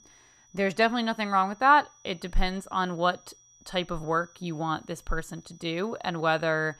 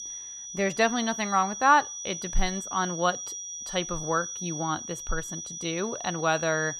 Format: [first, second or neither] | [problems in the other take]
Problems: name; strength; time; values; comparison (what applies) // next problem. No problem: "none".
first | high-pitched whine; loud; throughout; 6 kHz, 7 dB below the speech; faint in the first